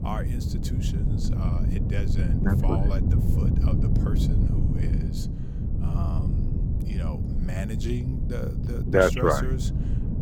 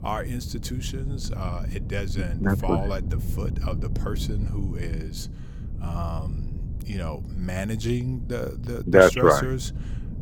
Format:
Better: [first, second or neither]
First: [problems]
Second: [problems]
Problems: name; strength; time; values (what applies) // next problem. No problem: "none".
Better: second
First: wind noise on the microphone; heavy; 8 dB below the speech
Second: wind noise on the microphone; occasional gusts; 20 dB below the speech